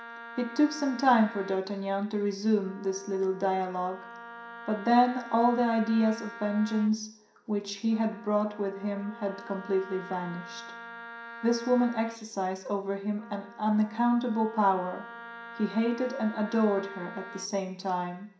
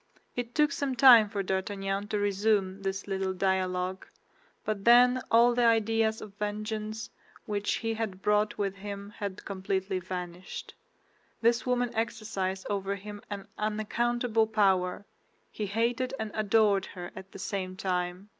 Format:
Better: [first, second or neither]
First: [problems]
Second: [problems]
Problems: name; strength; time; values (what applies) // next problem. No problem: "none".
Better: second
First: background sound (Wind instrument, woodwind instrument); 16 dB below the speech // room echo; dies away in 0.5 s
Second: none